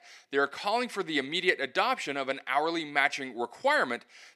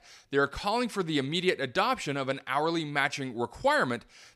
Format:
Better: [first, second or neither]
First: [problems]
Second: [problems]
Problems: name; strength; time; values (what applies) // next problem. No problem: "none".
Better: second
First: thin; very slightly; fading below 300 Hz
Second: none